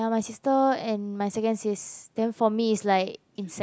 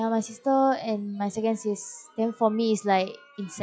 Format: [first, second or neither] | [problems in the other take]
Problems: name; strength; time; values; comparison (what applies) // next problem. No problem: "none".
first | noise reduction (classical method log-MMSE)